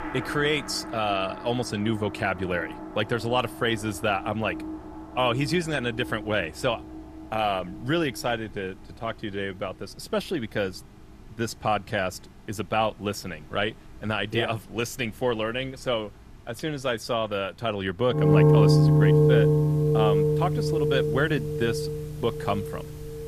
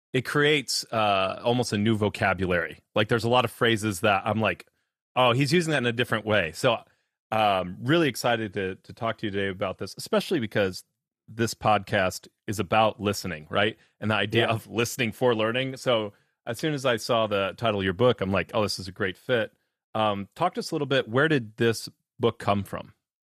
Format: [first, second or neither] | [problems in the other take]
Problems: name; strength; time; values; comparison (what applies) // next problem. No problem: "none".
second | background music; very loud; throughout; 4 dB above the speech